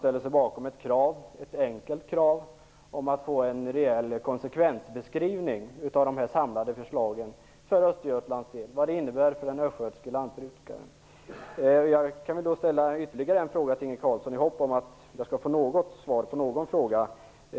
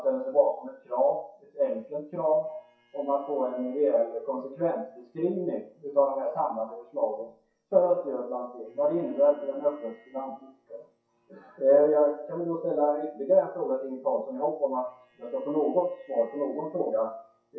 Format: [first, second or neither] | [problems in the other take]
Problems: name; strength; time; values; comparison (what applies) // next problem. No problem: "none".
first | noise reduction (classical method WPE with log-MMSE)